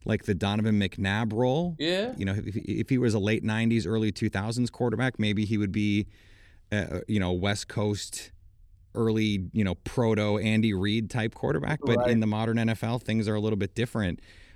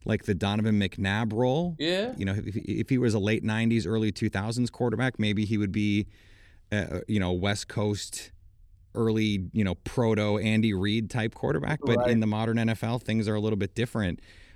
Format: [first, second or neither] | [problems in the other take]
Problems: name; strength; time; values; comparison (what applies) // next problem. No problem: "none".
neither | none